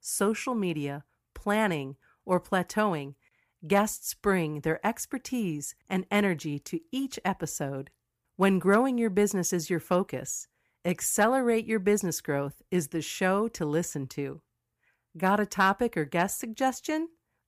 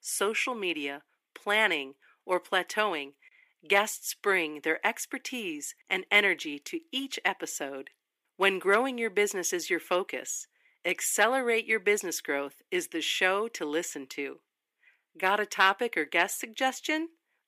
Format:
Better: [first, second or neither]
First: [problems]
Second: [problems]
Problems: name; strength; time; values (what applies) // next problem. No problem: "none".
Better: first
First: none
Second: thin; somewhat; fading below 300 Hz